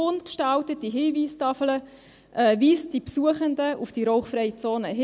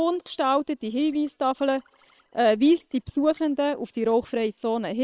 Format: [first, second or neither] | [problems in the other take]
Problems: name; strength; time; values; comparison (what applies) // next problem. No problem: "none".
first | noise reduction (neural separator model SepFormer WHAM!)